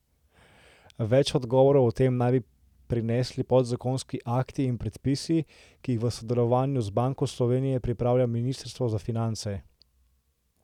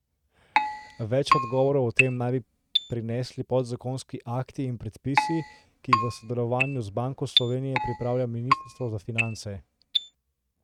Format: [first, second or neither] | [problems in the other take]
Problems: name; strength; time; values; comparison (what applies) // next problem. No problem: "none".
first | noise reduction (neural mask model RNNoise)